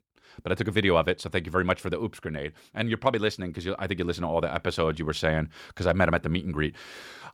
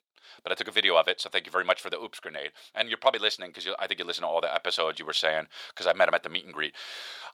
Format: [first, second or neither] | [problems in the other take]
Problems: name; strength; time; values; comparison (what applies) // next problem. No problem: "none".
first | thin; very; fading below 650 Hz